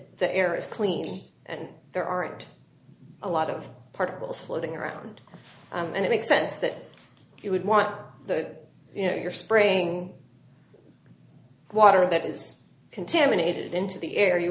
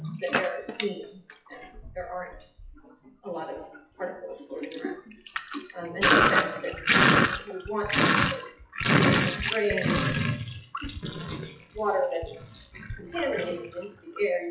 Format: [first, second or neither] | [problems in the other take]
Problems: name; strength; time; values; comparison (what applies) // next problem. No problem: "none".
first | noise reduction (classical method WPE with log-MMSE)